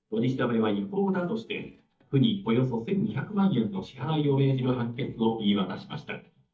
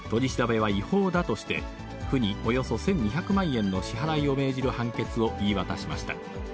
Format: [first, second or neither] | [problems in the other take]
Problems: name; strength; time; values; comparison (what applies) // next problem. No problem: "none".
second | noise reduction (neural mask model DeepFilterNet 3)